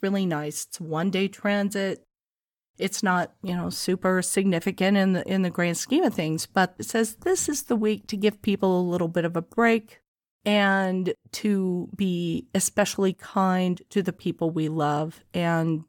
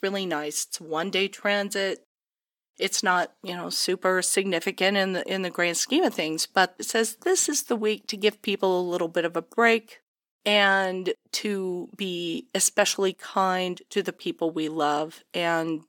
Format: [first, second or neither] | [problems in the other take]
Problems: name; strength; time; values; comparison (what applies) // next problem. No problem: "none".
first | thin; somewhat; fading below 300 Hz